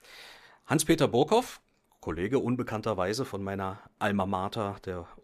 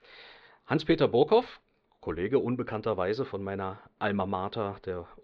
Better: first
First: none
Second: muffled; very slightly; fading above 4 kHz

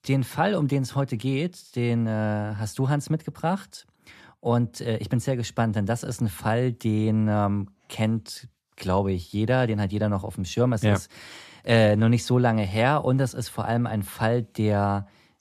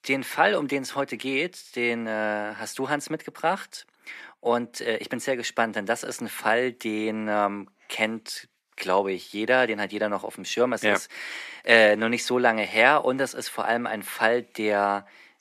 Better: first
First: none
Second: thin; somewhat; fading below 300 Hz

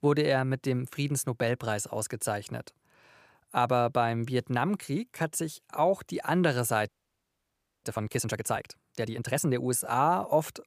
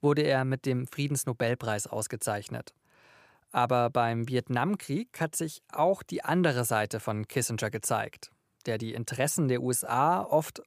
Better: second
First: audio freezing; at 7 s for 1 s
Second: none

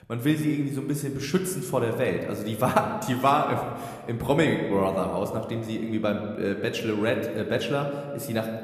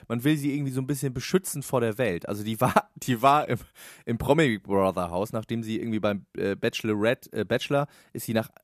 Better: second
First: room echo; slight; dies away in 1.4 s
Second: none

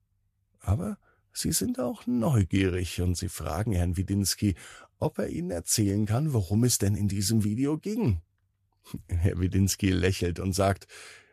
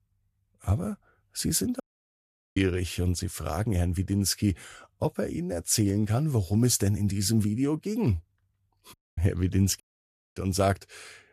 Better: first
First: none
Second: audio cutting out; at 2 s for 1 s, at 9 s and at 10 s for 0.5 s

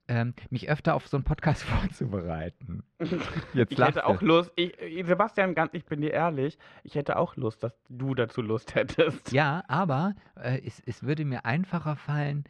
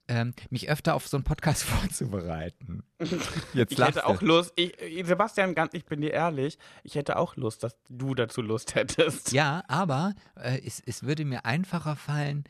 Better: second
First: muffled; slightly; fading above 3 kHz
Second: none

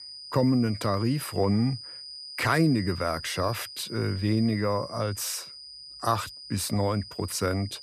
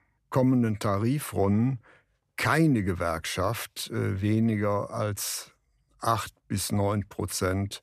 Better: second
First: high-pitched whine; noticeable; throughout; 5 kHz, 10 dB below the speech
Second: none

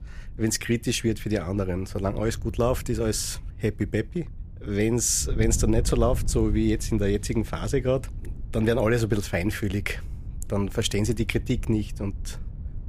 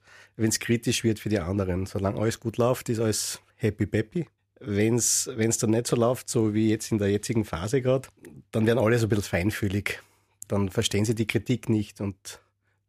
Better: second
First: wind noise on the microphone; occasional gusts; 20 dB below the speech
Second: none

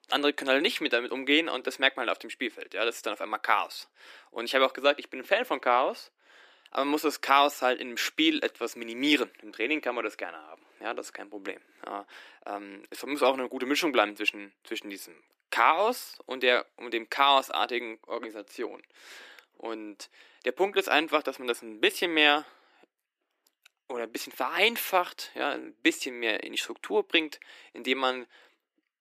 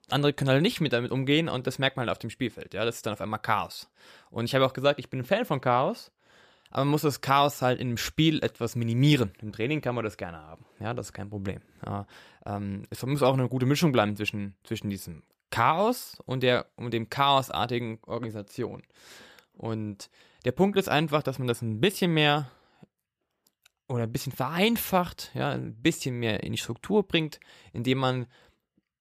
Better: second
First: thin; somewhat; fading below 300 Hz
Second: none

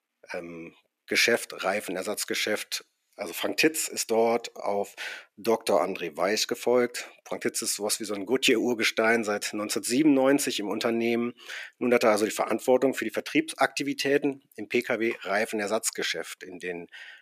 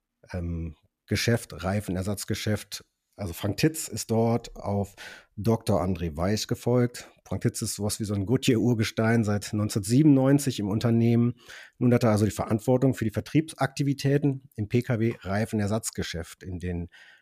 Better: second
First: thin; somewhat; fading below 350 Hz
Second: none

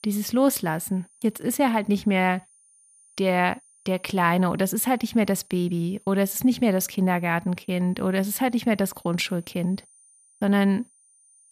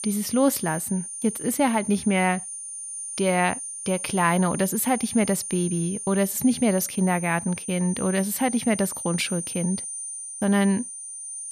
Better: first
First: high-pitched whine; faint; throughout; 9 kHz, 30 dB below the speech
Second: high-pitched whine; loud; throughout; 9 kHz, 7 dB below the speech

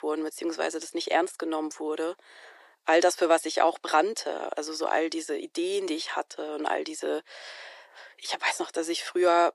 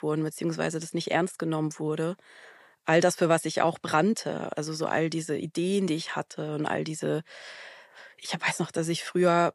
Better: second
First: thin; very; fading below 300 Hz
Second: none

